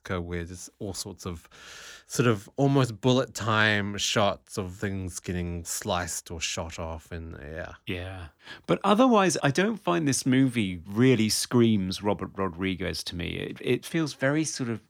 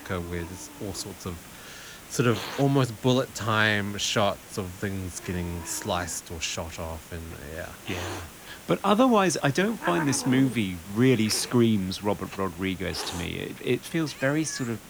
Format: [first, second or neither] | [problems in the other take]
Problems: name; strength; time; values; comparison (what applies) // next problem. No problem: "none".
first | hiss; noticeable; throughout; 15 dB below the speech